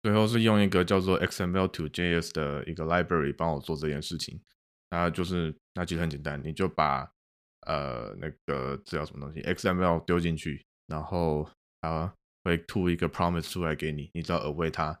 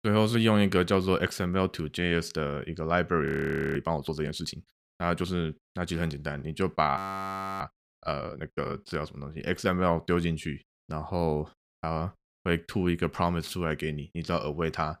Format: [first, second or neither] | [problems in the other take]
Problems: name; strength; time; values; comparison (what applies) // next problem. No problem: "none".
first | audio freezing; at 3.5 s and at 7 s for 0.5 s